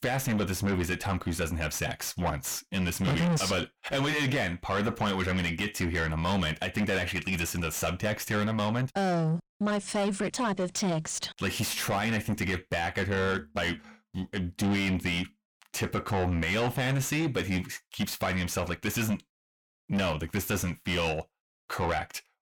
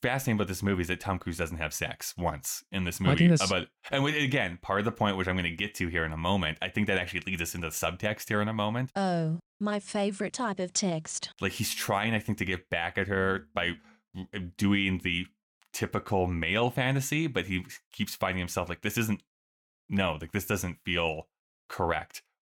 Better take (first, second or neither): second